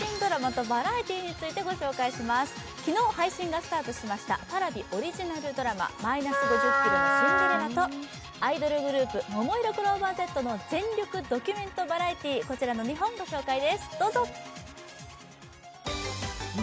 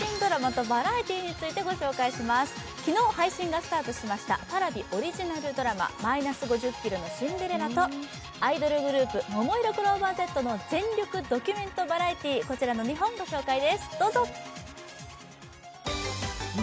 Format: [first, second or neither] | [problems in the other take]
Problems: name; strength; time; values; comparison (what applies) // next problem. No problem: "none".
second | background sound (Wind instrument, woodwind instrument); 4 dB above the speech